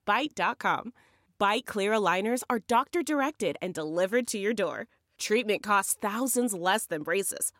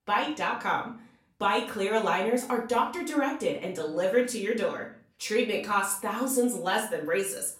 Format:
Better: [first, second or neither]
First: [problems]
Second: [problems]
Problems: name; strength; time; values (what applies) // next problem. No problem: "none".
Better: first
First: none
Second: room echo; slight; dies away in 0.4 s // off-mic speech; far